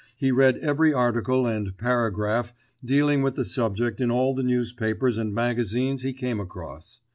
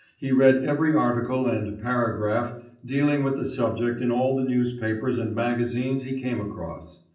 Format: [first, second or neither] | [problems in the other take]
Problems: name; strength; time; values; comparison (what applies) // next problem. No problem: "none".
first | room echo; dies away in 0.6 s